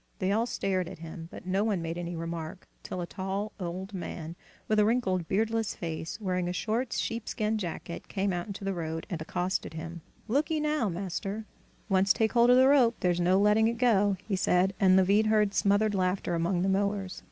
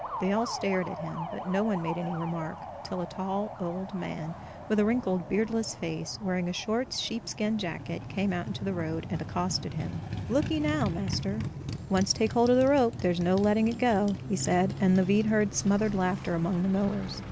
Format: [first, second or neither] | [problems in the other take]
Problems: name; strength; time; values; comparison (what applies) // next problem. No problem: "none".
first | background sound (Motorcycle); 9 dB below the speech